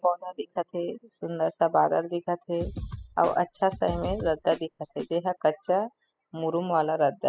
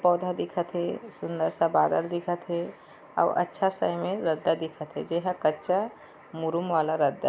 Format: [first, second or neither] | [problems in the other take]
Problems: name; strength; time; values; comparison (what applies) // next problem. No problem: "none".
second | noise reduction (classical method spectral subtraction)